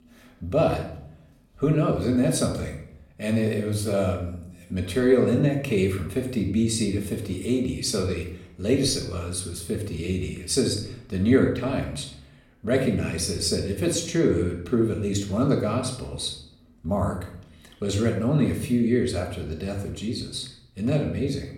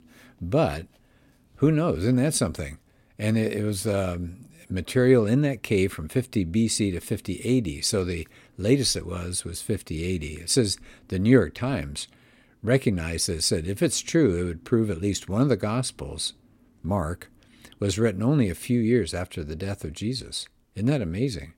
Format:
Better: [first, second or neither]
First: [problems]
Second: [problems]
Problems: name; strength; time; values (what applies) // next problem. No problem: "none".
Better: second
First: room echo; slight; dies away in 0.5 s // off-mic speech; somewhat distant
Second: none